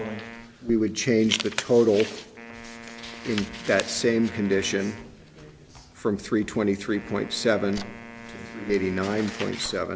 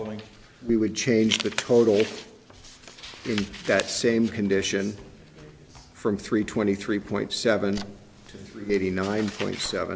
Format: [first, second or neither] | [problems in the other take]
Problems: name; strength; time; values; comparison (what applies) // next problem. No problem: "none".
second | background sound (Wind instrument, woodwind instrument); 17 dB below the speech